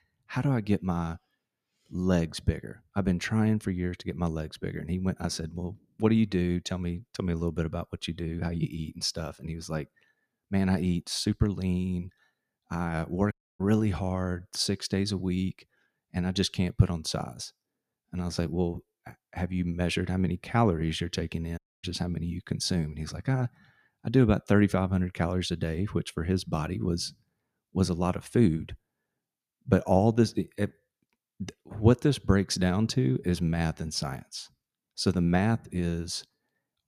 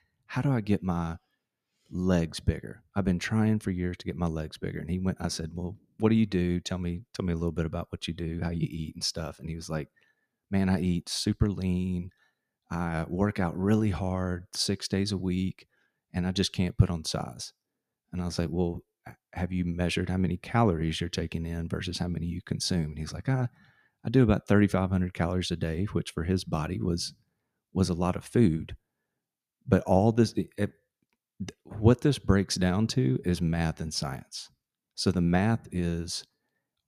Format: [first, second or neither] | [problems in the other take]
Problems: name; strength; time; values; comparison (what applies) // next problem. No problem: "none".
second | audio cutting out; at 13 s and at 22 s